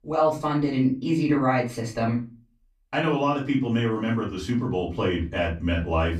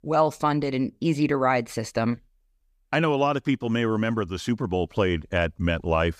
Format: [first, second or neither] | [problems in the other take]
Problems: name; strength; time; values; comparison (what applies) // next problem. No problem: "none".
second | off-mic speech; far // room echo; very slight; dies away in 0.3 s